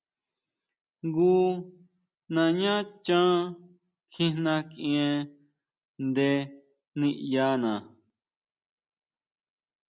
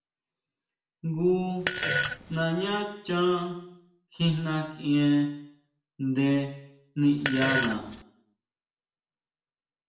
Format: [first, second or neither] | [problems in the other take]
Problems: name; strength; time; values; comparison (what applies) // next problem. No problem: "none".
first | background sound (Fart); 1 dB below the speech // room echo; dies away in 0.7 s